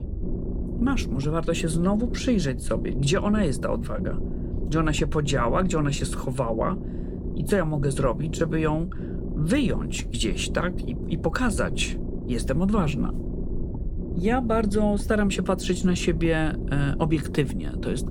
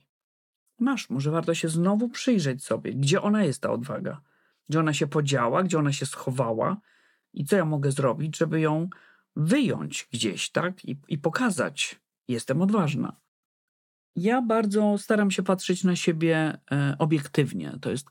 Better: second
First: low rumble; noticeable; throughout; 10 dB below the speech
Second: none

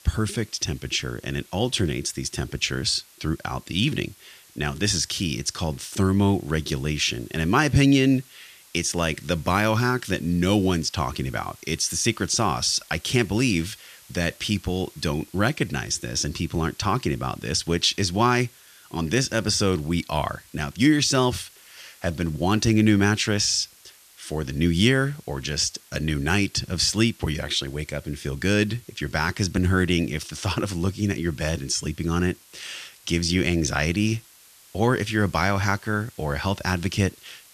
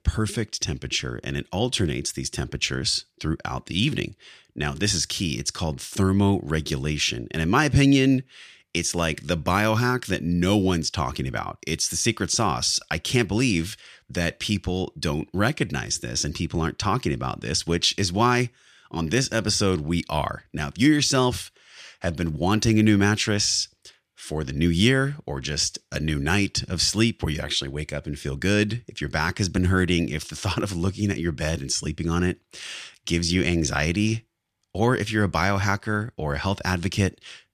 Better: second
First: hiss; faint; throughout; 25 dB below the speech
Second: none

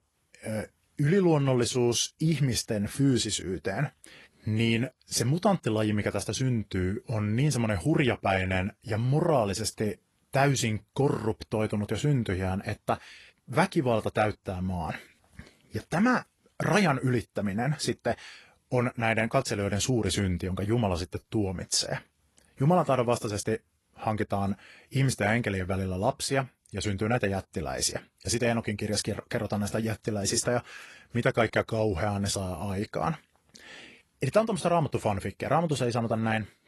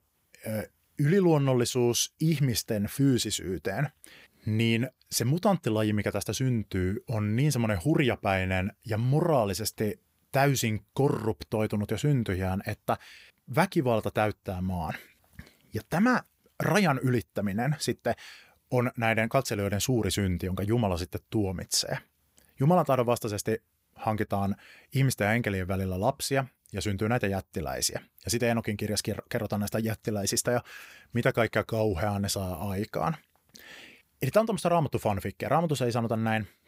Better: second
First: garbled, watery; slightly; nothing above 11.5 kHz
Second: none

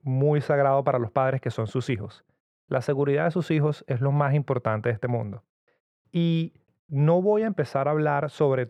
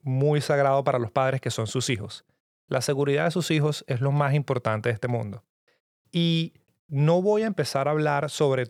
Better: second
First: muffled; very; fading above 3 kHz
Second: none

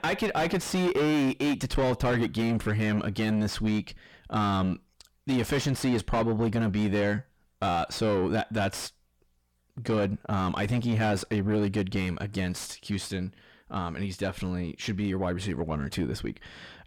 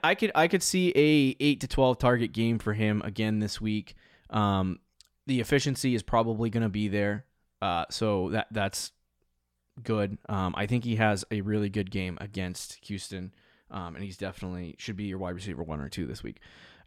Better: second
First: distortion; heavy; 5 dB below the speech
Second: none

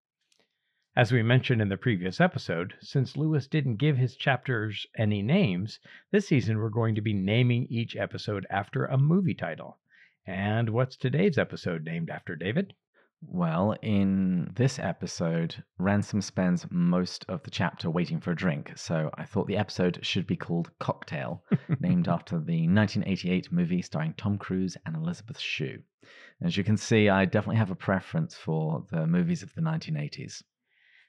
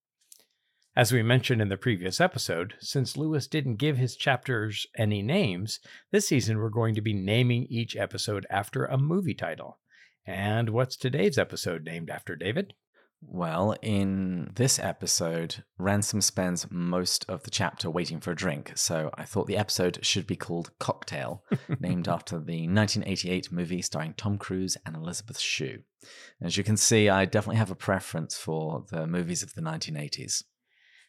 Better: second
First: muffled; slightly; fading above 2.5 kHz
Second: none

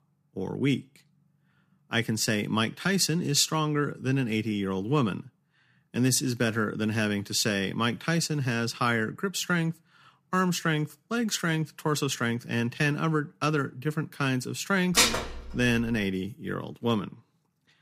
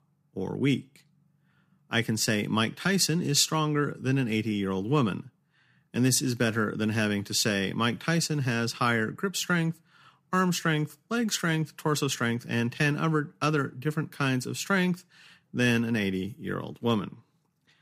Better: second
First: clattering dishes; loud; at 15 s; peak 6 dB above the speech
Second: none

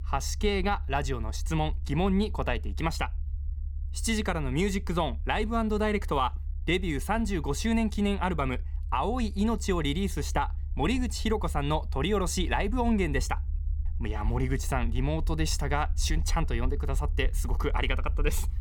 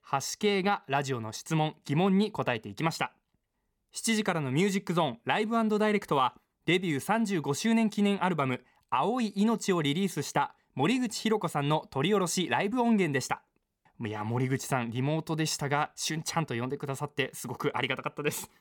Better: second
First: low rumble; faint; throughout; 25 dB below the speech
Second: none

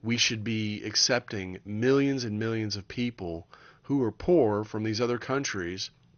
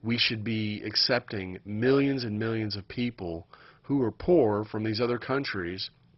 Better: first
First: garbled, watery; slightly; nothing above 6.5 kHz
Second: garbled, watery; badly; nothing above 5.5 kHz

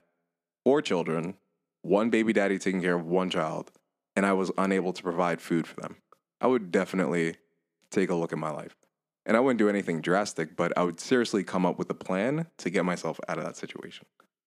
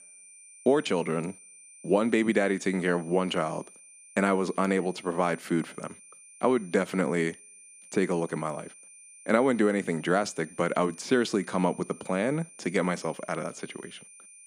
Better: first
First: none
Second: high-pitched whine; faint; throughout; 9 kHz, 20 dB below the speech

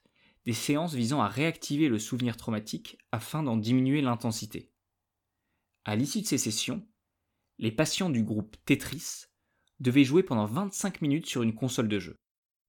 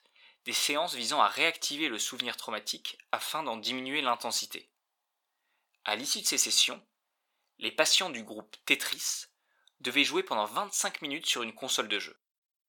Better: first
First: none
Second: thin; very; fading below 800 Hz

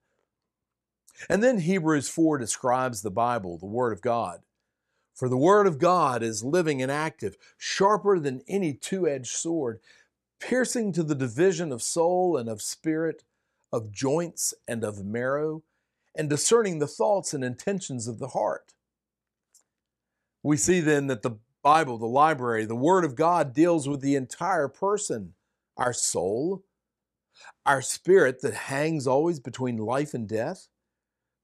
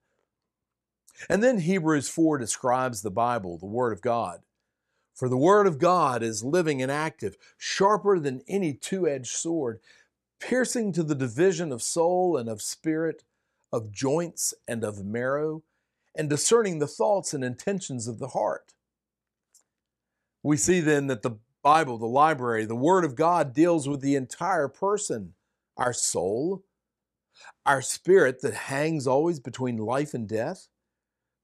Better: neither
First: none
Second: none

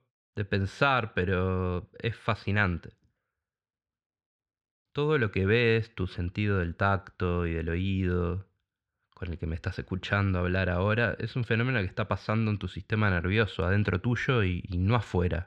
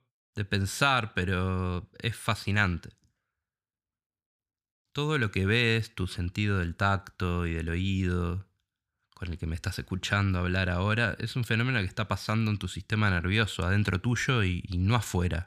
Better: second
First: muffled; slightly; fading above 3 kHz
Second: none

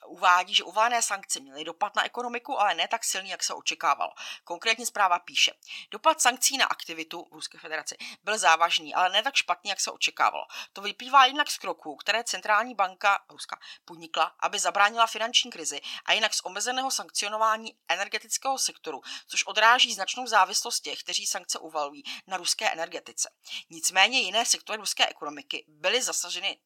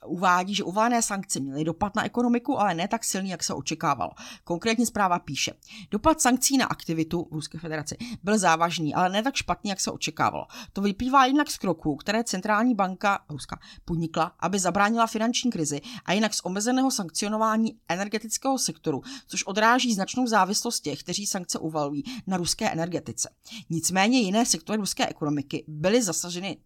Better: second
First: thin; very; fading below 750 Hz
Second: none

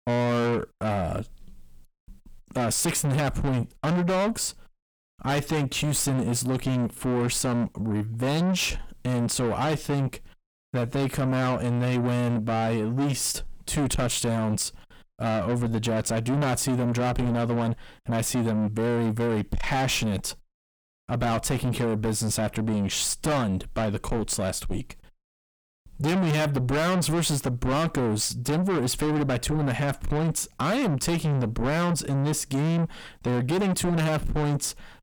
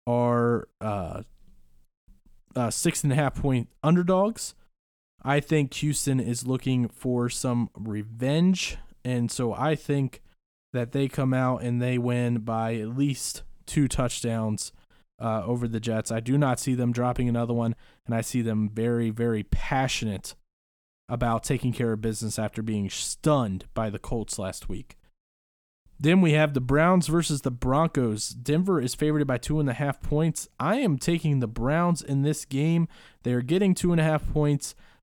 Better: second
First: distortion; heavy; 6 dB below the speech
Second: none

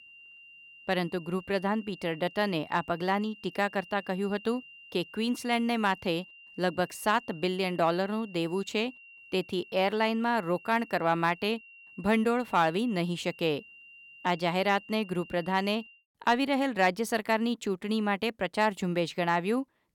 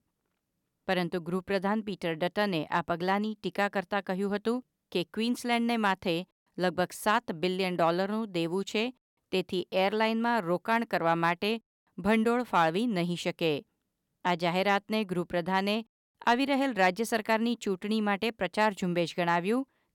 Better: second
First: high-pitched whine; noticeable; until 16 s; 3 kHz, 20 dB below the speech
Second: none

